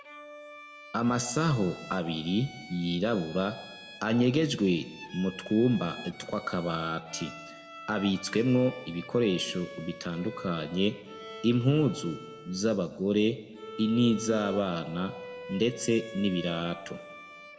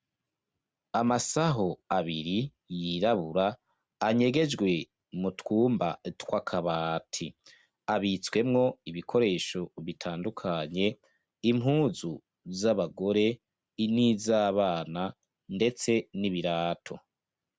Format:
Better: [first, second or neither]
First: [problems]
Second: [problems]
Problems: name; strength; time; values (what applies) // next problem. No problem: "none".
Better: second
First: background sound (Bowed string instrument); 16 dB below the speech // room echo; dies away in 1.2 s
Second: none